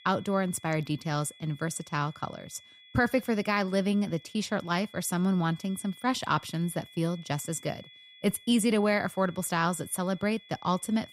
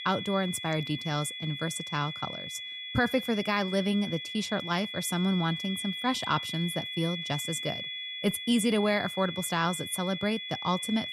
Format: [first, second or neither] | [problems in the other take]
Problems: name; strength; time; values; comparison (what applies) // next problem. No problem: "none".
first | high-pitched whine; loud; throughout; 3.5 kHz, 5 dB below the speech; faint in the first